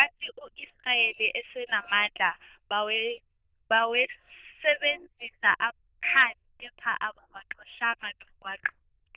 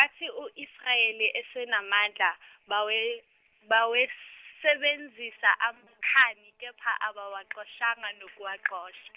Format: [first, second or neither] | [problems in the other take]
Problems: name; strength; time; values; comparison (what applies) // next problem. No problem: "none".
second | noise reduction (neural diffusion model UNIVERSE++)